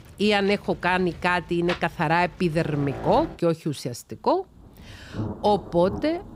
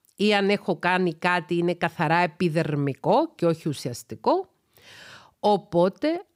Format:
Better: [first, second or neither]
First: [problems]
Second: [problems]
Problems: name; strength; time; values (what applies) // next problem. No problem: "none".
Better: second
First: rain or running water; noticeable; throughout; 15 dB below the speech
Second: none